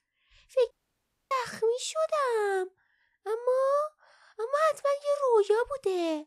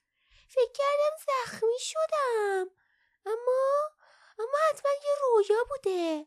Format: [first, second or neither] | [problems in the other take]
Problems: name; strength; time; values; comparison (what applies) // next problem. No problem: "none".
second | audio cutting out; at 0.5 s for 0.5 s